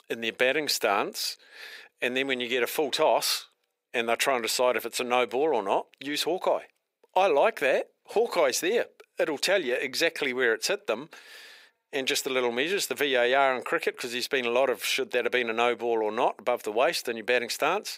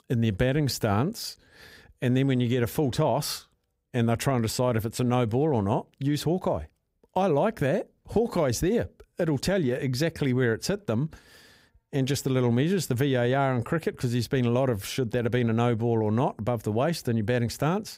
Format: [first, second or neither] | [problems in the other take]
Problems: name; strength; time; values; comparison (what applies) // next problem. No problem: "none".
second | thin; very; fading below 450 Hz